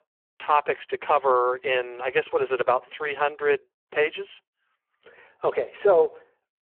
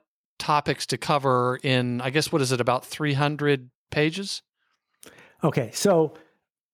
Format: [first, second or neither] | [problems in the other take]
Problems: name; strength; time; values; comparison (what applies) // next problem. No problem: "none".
second | phone-call audio; poor line